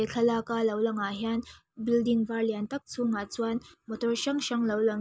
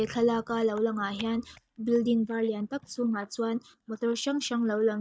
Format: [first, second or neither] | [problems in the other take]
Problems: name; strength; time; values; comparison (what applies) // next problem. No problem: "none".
first | noise reduction (neural mask model DeepFilterNet 3)